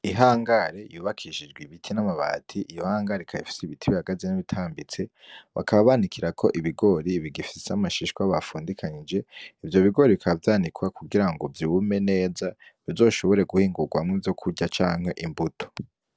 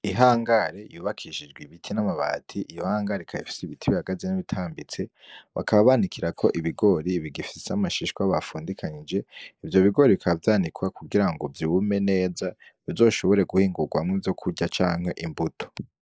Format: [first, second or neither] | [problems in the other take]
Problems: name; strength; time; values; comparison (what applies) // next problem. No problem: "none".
first | noise reduction (neural mask model Resemble Enhance denoiser)